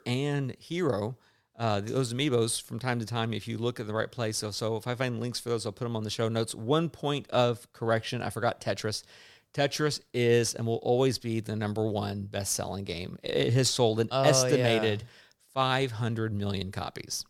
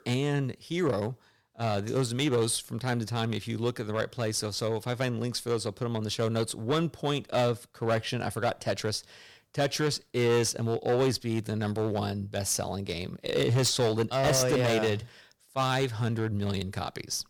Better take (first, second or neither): first